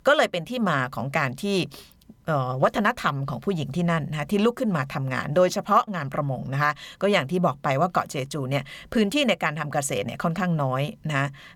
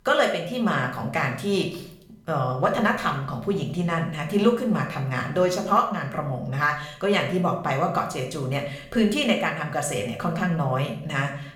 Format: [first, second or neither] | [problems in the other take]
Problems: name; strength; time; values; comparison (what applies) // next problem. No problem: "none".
first | room echo; slight; dies away in 0.6 s // off-mic speech; somewhat distant